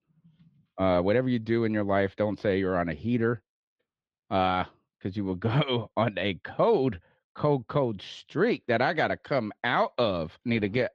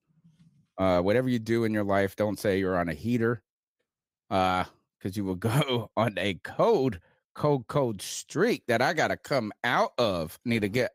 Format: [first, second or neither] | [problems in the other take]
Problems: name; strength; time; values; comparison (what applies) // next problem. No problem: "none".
second | muffled; very slightly; fading above 3.5 kHz